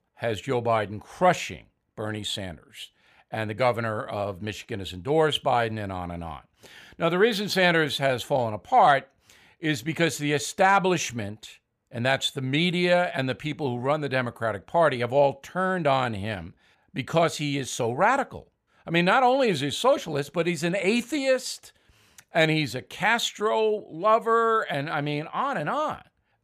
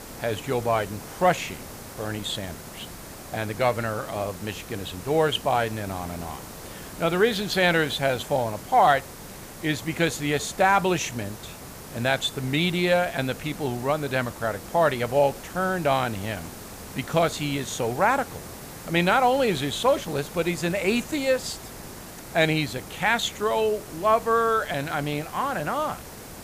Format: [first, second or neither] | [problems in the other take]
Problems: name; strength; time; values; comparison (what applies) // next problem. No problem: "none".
first | hiss; noticeable; throughout; 15 dB below the speech